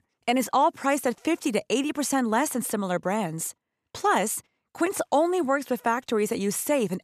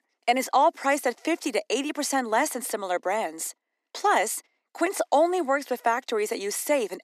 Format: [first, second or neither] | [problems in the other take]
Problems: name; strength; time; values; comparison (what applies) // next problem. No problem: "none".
first | thin; very slightly; fading below 250 Hz